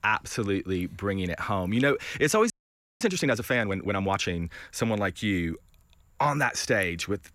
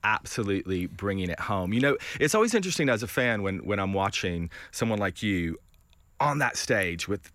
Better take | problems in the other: second | audio freezing; at 2.5 s for 0.5 s

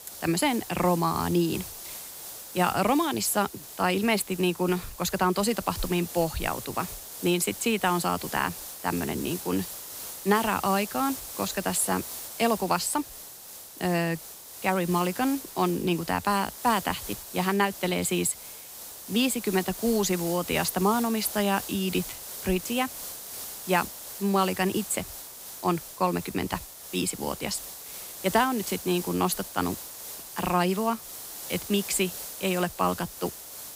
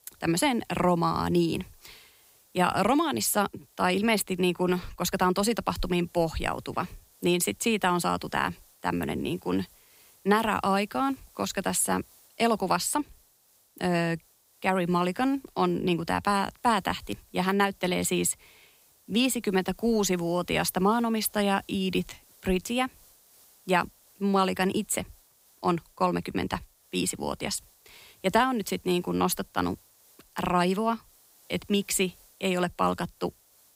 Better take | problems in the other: second | hiss; loud; throughout; 10 dB below the speech; faint in the second

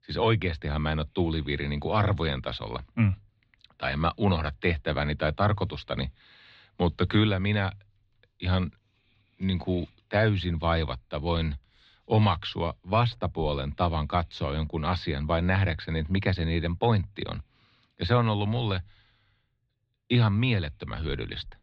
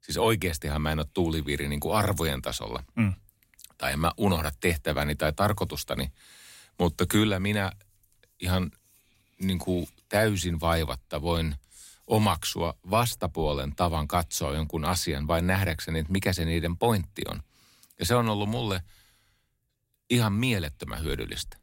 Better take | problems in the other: second | muffled; slightly; fading above 4 kHz

